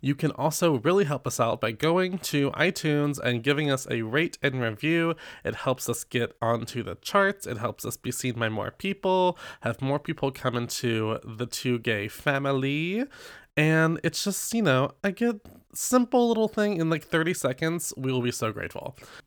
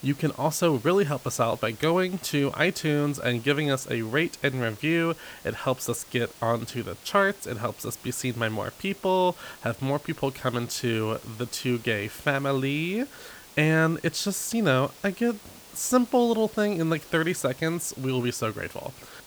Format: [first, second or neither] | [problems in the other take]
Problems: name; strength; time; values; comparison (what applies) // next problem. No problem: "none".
first | hiss; noticeable; throughout; 20 dB below the speech